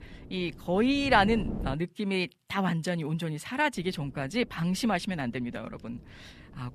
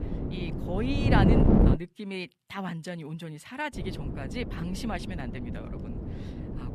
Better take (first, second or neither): first